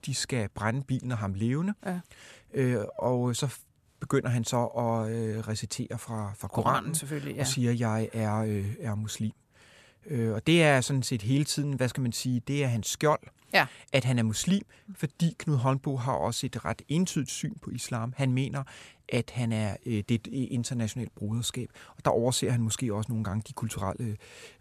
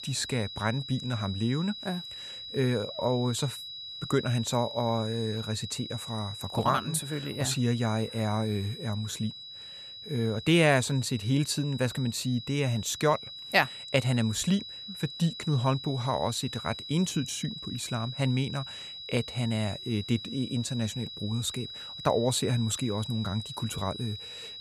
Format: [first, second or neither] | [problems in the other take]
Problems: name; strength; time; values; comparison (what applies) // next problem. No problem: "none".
first | high-pitched whine; loud; throughout; 4 kHz, 10 dB below the speech